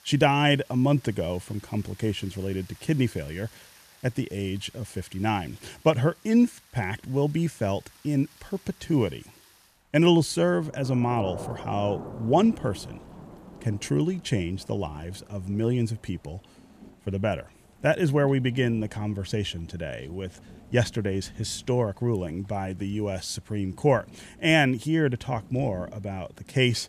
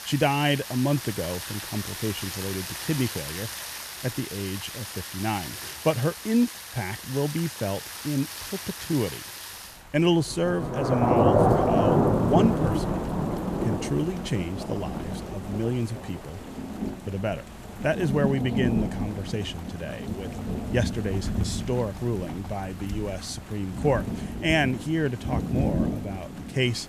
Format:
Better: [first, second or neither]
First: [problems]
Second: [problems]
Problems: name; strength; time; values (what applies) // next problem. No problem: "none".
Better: first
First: rain or running water; faint; throughout; 20 dB below the speech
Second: rain or running water; loud; throughout; 1 dB below the speech